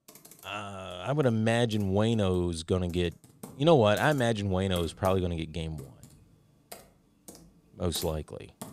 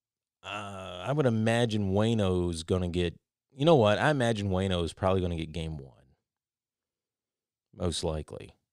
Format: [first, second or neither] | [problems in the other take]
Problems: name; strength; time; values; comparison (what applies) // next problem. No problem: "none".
second | household noises; faint; throughout; 20 dB below the speech